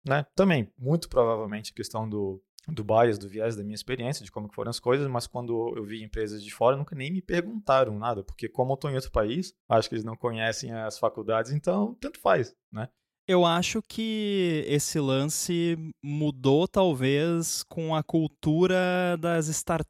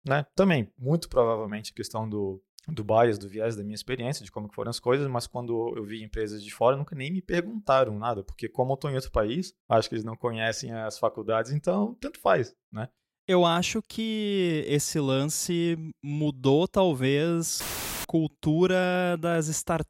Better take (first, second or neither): first